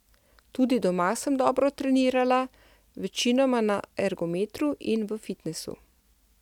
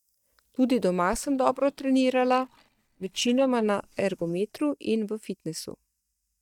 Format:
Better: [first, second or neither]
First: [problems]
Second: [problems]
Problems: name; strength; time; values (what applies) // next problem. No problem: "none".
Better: first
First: none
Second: noise reduction (neural mask model DeepFilterNet 3)